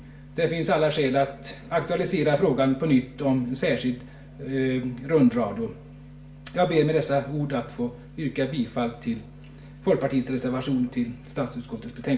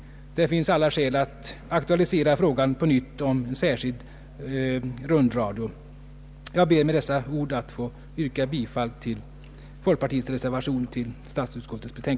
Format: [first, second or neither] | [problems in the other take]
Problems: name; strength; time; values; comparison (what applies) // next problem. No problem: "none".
second | room echo; dies away in 0.4 s